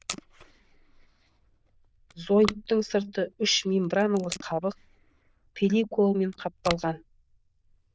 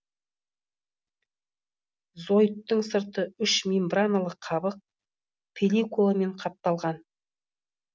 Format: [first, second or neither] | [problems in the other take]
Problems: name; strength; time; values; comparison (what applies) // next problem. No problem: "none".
second | noise reduction (neural diffusion model UNIVERSE++)